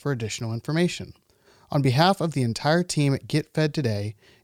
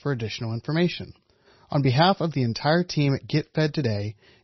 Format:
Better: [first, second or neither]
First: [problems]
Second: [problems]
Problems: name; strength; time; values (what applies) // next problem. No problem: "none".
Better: first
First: none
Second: garbled, watery; slightly; nothing above 5.5 kHz